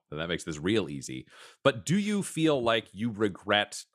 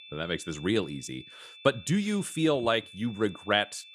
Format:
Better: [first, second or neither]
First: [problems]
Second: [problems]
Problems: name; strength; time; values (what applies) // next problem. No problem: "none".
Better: first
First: none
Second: high-pitched whine; noticeable; throughout; 3.5 kHz, 20 dB below the speech